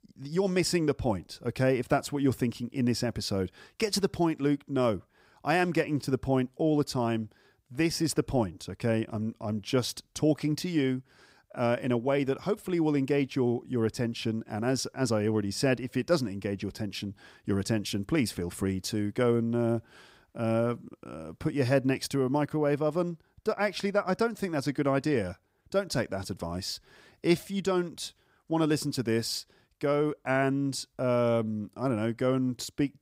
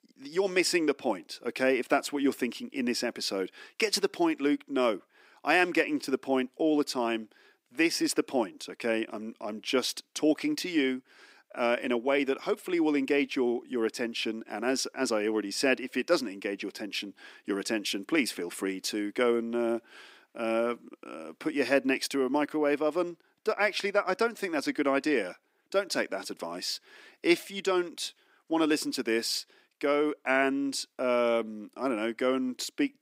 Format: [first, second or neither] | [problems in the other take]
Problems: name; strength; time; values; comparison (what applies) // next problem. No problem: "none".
first | thin; very slightly; fading below 300 Hz